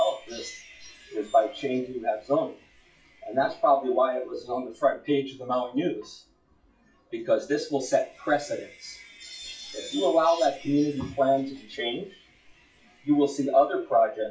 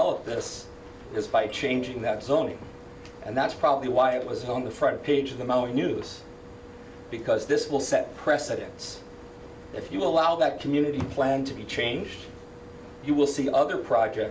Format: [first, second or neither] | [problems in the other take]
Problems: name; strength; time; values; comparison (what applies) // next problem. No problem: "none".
second | noise reduction (classical method WPE with log-MMSE)